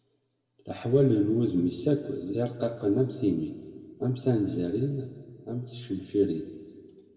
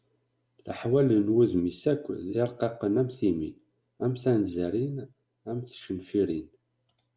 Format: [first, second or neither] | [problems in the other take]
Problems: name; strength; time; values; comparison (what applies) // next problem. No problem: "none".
second | room echo; dies away in 1.6 s